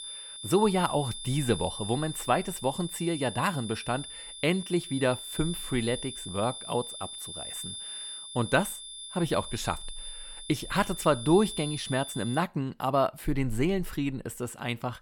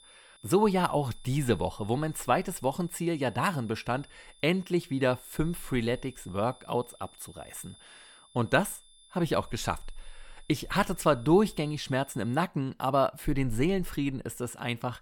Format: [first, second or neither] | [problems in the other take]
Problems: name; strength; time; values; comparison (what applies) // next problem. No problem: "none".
second | high-pitched whine; loud; until 12 s; 3.5 kHz, 9 dB below the speech; faint in the second